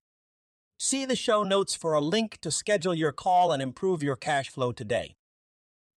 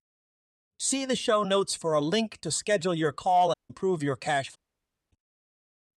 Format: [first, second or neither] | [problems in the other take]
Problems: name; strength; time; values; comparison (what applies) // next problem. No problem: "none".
first | audio cutting out; at 3.5 s and at 4.5 s for 0.5 s